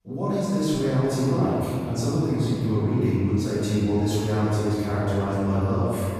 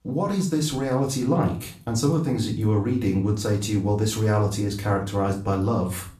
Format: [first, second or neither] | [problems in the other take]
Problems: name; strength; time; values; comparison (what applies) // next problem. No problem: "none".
second | room echo; strong; dies away in 2.5 s; slight in the second // off-mic speech; far; far in the second